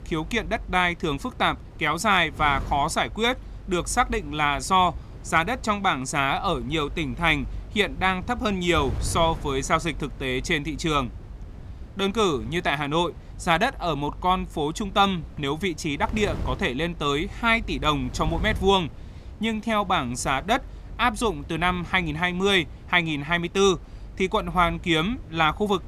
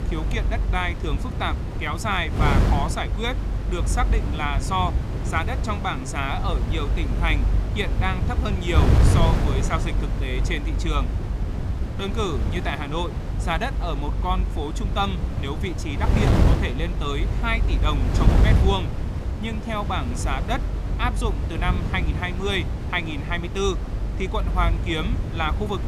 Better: first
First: wind noise on the microphone; occasional gusts; 25 dB below the speech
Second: wind noise on the microphone; heavy; 7 dB below the speech

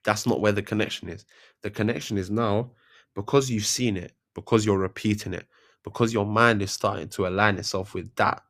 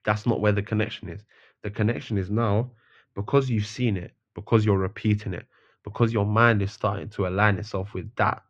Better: first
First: none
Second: muffled; slightly; fading above 2.5 kHz

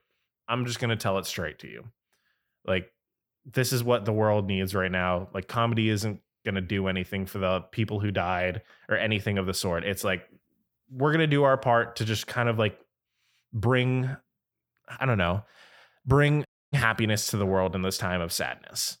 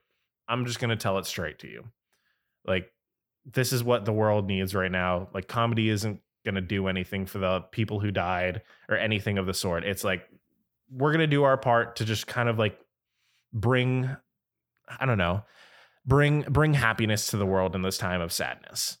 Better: second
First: audio cutting out; at 16 s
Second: none

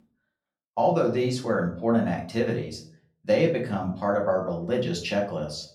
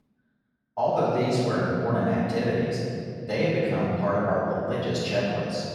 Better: first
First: room echo; slight; dies away in 0.4 s // off-mic speech; far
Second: room echo; strong; dies away in 2.4 s // off-mic speech; far

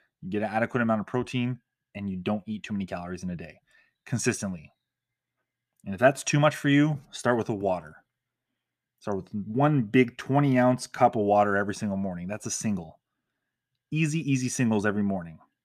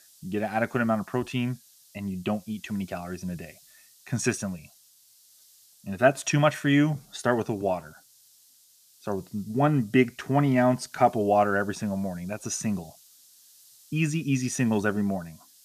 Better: first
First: none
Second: hiss; faint; throughout; 25 dB below the speech

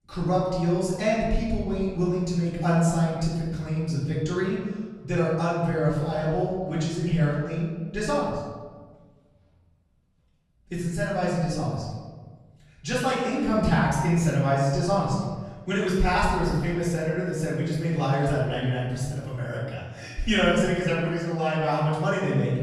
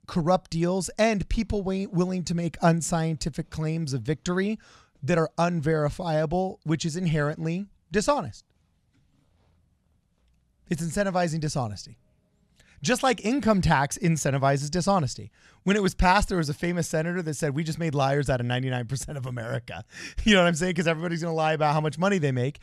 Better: second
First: off-mic speech; far // room echo; noticeable; dies away in 1.2 s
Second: none

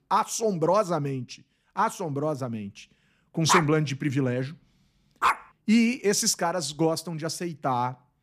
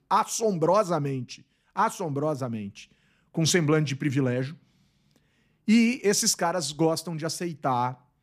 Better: second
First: dog barking; loud; from 3.5 to 5.5 s; peak 1 dB above the speech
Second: none

